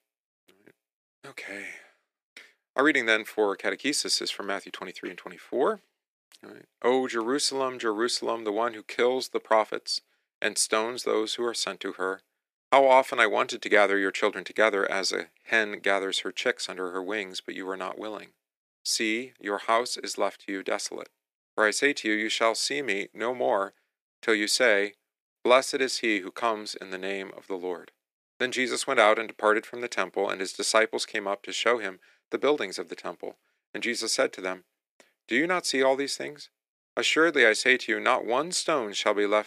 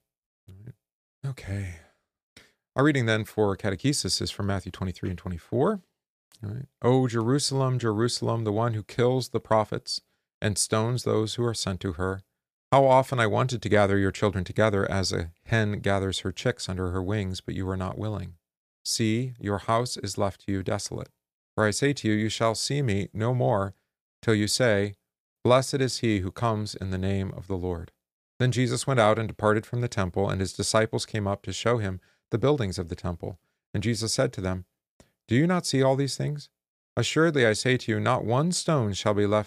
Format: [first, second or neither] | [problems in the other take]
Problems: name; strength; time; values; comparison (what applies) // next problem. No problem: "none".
second | thin; somewhat; fading below 300 Hz